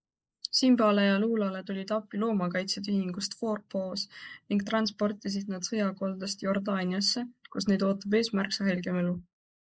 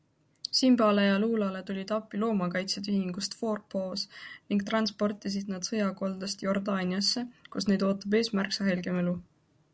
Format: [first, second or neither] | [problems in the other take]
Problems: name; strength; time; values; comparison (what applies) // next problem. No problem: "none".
second | noise reduction (neural mask model Resemble Enhance denoiser)